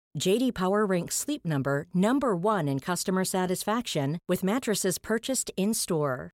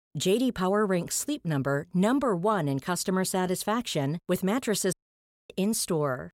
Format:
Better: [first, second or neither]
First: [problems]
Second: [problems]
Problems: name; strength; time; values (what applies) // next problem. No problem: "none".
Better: first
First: none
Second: audio cutting out; at 5 s for 0.5 s